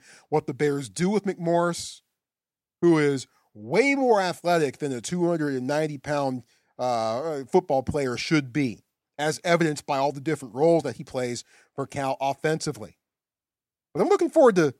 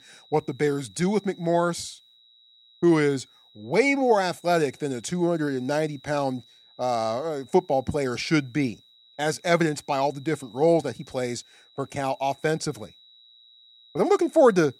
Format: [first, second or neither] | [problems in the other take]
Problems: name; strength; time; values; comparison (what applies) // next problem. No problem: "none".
first | high-pitched whine; faint; throughout; 4 kHz, 30 dB below the speech